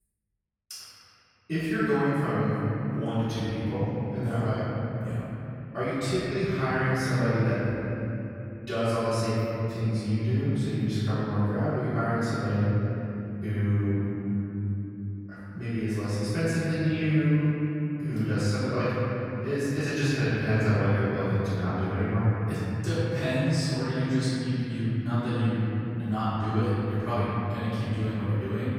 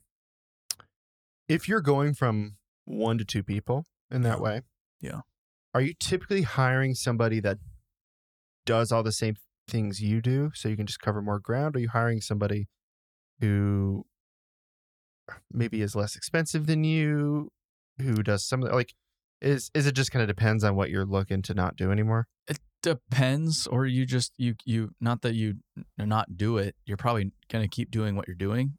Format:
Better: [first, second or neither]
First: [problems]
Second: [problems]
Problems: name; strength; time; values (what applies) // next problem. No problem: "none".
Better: second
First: room echo; strong; dies away in 3 s // off-mic speech; far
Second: none